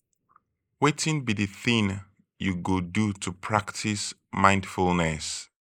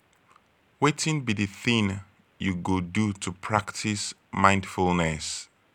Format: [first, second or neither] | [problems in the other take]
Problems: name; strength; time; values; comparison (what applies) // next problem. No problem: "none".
second | noise reduction (neural mask model Resemble Enhance denoiser)